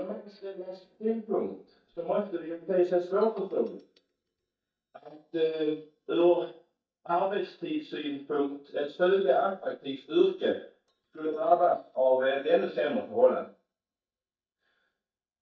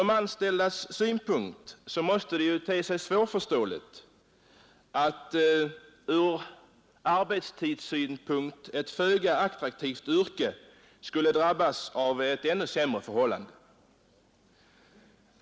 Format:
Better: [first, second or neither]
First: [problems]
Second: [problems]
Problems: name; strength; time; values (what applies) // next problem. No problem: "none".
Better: second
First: noise reduction (neural mask model DeepFilterNet 3)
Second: none